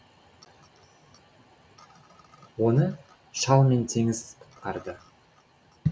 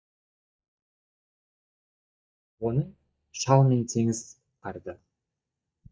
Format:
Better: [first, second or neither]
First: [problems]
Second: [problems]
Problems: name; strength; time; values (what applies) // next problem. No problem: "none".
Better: first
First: none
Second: noise reduction (neural mask model DeepFilterNet 3)